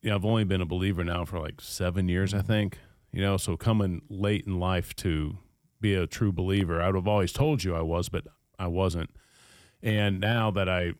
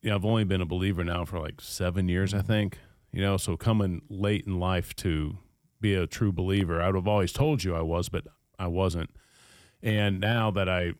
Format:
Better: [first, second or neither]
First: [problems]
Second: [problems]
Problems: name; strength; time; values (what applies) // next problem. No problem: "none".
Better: neither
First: none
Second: none